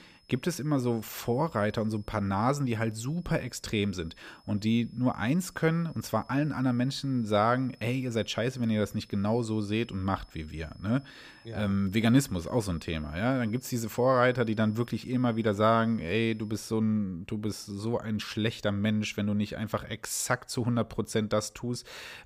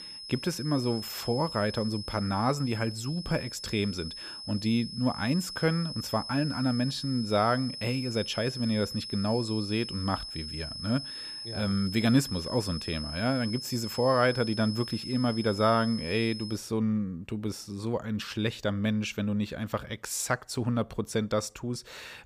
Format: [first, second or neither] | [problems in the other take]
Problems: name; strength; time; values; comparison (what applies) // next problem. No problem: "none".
first | high-pitched whine; loud; until 17 s; 5 kHz, 8 dB below the speech; faint in the first